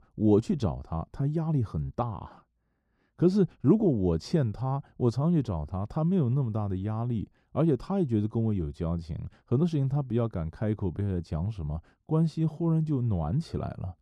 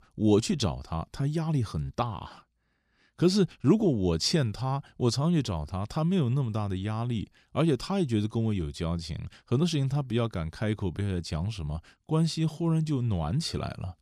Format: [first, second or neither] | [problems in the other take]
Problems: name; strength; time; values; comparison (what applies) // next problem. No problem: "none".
second | muffled; slightly; fading above 1.5 kHz